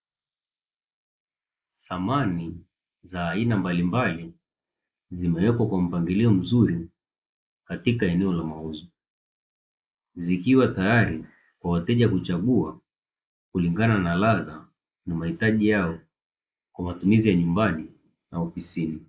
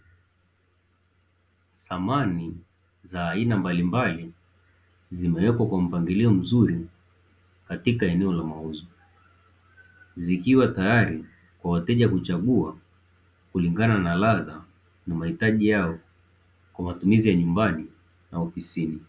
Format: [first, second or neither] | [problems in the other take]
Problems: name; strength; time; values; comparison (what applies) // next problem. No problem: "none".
second | noise reduction (neural mask model Resemble Enhance denoiser)